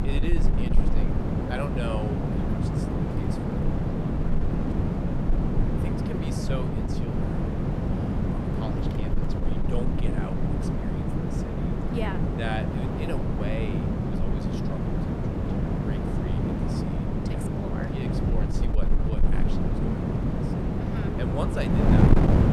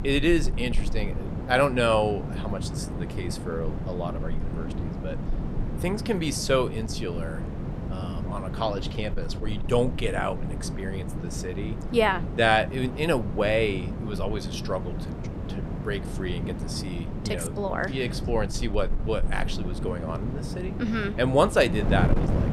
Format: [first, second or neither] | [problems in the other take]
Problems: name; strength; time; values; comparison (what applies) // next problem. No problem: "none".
second | wind noise on the microphone; heavy; 5 dB above the speech; occasional gusts in the second